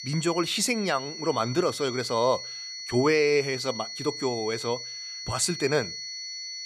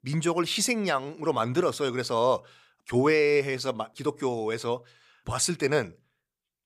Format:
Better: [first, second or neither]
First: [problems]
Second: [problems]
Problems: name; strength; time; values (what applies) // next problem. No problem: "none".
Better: second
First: high-pitched whine; loud; throughout; 4.5 kHz, 8 dB below the speech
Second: none